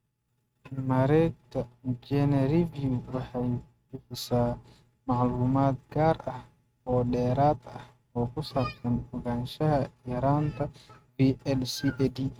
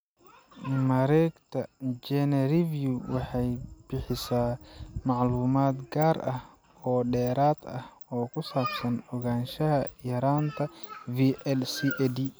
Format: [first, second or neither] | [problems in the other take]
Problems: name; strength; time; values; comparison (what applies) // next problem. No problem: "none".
second | noise reduction (neural mask model RNNoise)